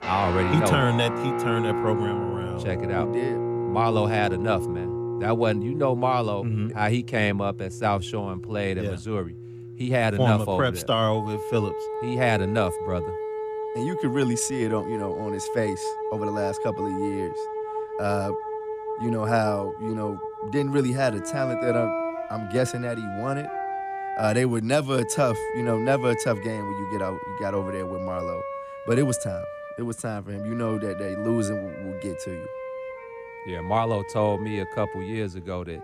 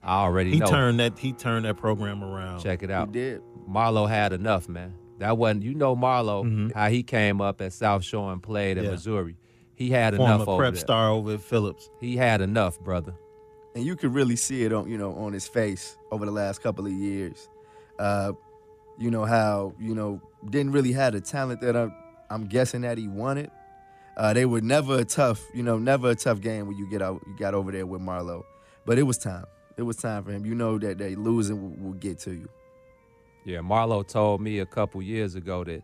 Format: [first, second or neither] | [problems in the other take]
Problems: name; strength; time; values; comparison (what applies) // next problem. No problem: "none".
second | background music; loud; throughout; 5 dB below the speech; faint in the second